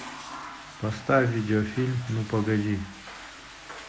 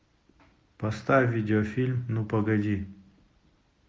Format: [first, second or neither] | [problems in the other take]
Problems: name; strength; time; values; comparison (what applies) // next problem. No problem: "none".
second | background sound (Toilet flush / Water); 14 dB below the speech